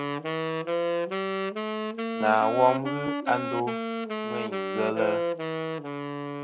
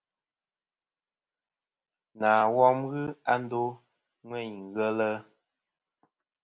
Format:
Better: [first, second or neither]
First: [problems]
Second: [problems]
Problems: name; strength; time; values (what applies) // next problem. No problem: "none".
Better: second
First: background sound (Wind instrument, woodwind instrument); as loud as the speech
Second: none